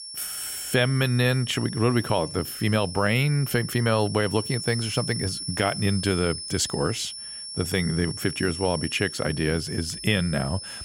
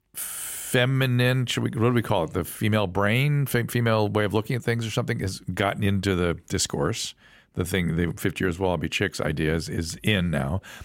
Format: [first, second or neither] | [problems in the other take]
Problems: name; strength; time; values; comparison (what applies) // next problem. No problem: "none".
second | high-pitched whine; loud; throughout; 5.5 kHz, 8 dB below the speech